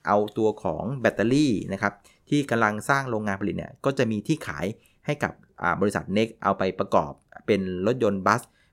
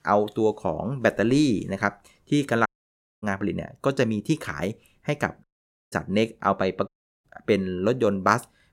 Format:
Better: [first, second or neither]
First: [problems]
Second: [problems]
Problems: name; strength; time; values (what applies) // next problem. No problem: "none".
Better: first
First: none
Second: audio cutting out; at 2.5 s for 0.5 s, at 5.5 s and at 7 s